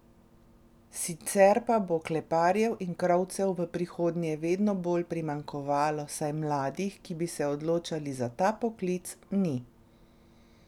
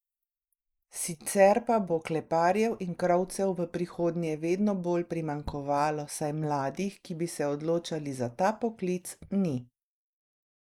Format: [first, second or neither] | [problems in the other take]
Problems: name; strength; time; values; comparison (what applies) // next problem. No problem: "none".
first | noise reduction (neural mask model Resemble Enhance denoiser)